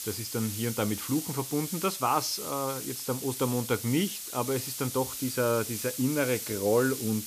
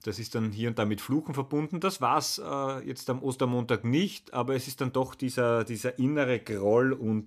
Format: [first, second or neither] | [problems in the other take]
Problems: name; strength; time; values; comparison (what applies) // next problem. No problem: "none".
second | hiss; loud; throughout; 5 dB below the speech